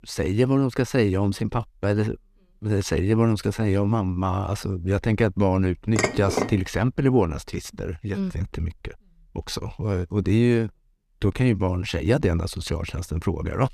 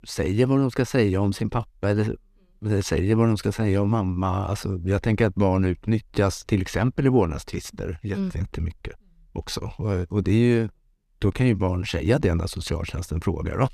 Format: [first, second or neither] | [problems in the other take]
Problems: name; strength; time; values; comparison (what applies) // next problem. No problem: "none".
second | clattering dishes; noticeable; at 6 s; peak 1 dB below the speech